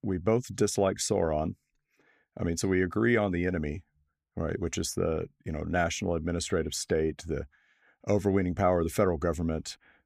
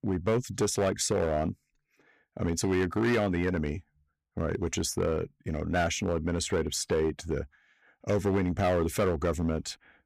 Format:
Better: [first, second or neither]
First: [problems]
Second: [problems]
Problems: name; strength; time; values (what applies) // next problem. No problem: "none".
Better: first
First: none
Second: distortion; slight; 7% of the sound clipped